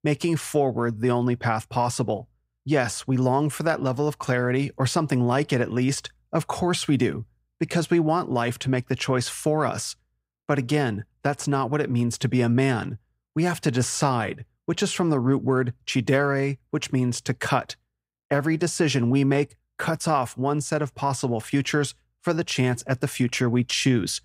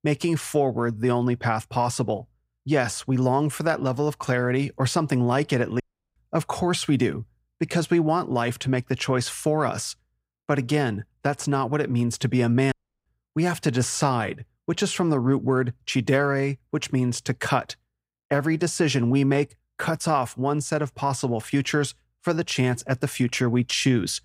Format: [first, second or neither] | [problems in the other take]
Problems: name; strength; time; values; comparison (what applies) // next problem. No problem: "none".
first | audio cutting out; at 6 s and at 13 s